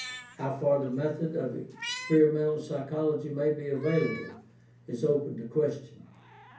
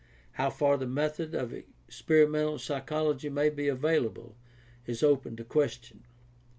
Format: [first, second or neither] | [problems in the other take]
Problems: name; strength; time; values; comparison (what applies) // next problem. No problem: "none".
second | background sound (Meow); 16 dB below the speech // room echo; dies away in 0.6 s